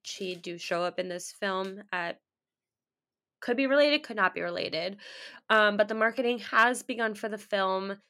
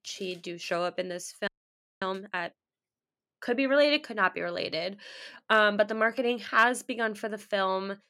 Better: first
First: none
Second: audio freezing; at 1.5 s for 0.5 s

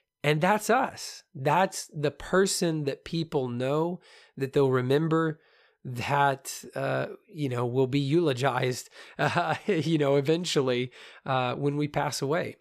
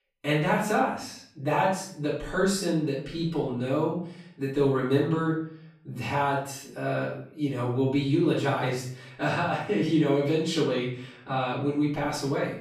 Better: first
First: none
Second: off-mic speech; far // room echo; noticeable; dies away in 0.5 s

